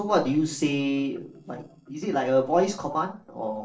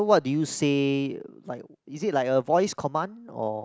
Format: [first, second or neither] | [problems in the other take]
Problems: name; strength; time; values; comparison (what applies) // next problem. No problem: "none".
second | noise reduction (neural separator model SepFormer DNS4)